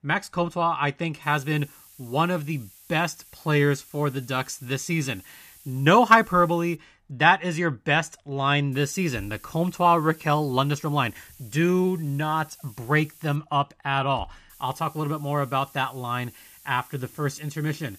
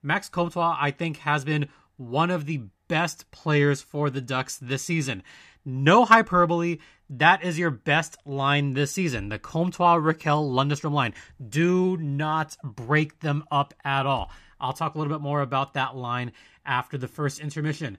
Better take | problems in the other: second | hiss; faint; from 1 to 7 s, from 8.5 to 13 s and from 15 s on; 25 dB below the speech

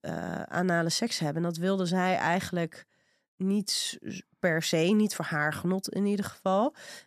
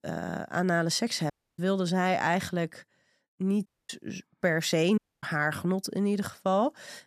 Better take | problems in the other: first | audio cutting out; at 1.5 s, at 3.5 s and at 5 s

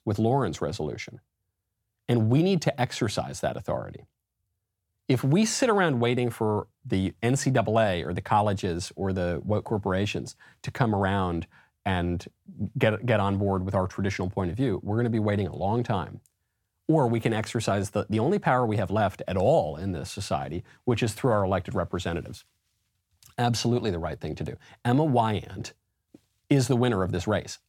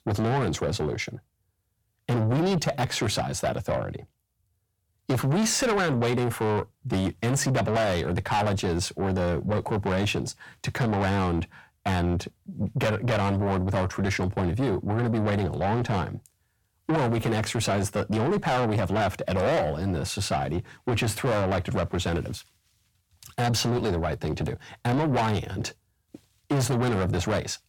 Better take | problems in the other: first | distortion; heavy; 6 dB below the speech

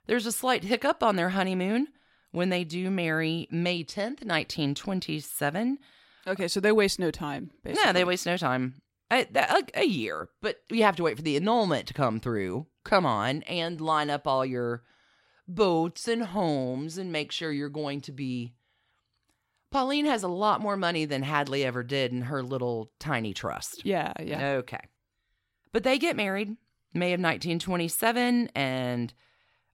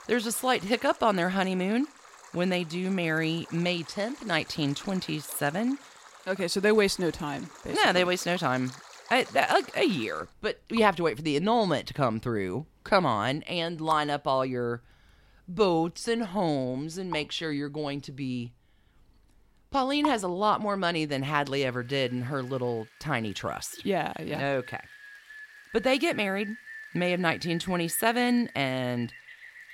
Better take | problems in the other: first | rain or running water; noticeable; throughout; 15 dB below the speech

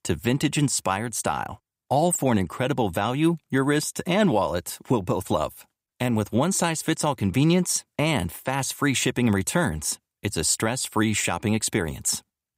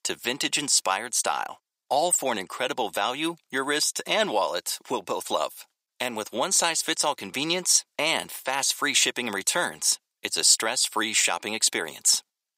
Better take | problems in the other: first | thin; somewhat; fading below 500 Hz

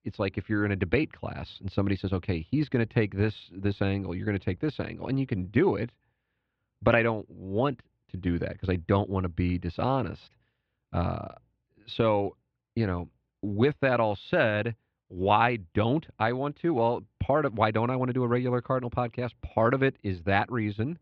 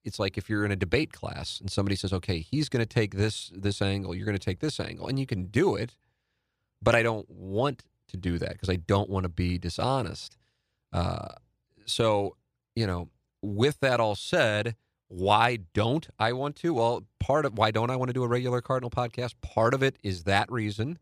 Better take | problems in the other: second | muffled; slightly; fading above 3 kHz

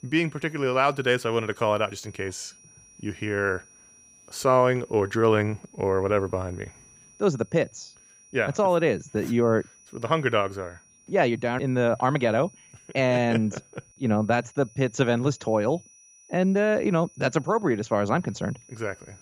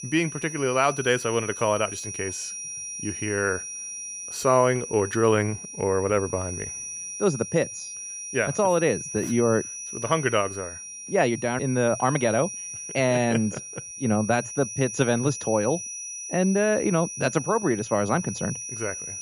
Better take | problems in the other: first | high-pitched whine; loud; throughout; 5.5 kHz, 8 dB below the speech; faint in the first

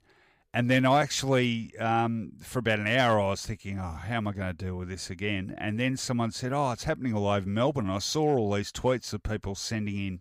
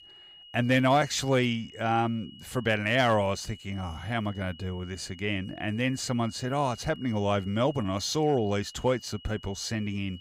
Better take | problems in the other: first | high-pitched whine; noticeable; throughout; 3 kHz, 20 dB below the speech

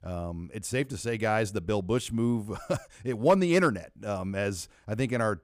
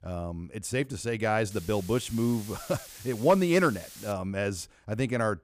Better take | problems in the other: first | hiss; noticeable; from 1.5 to 4 s; 15 dB below the speech

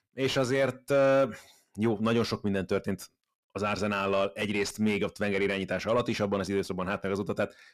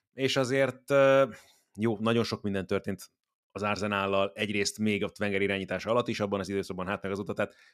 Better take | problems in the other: second | distortion; slight; 10 dB below the speech

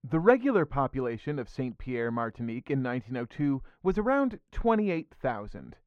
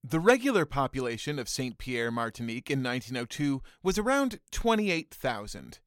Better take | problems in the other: second | muffled; very; fading above 3.5 kHz

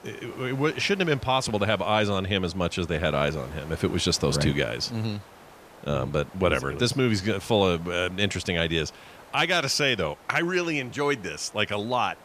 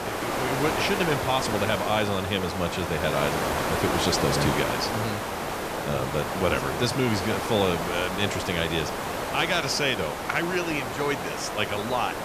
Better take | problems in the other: first | hiss; loud; throughout; 2 dB below the speech; faint in the first

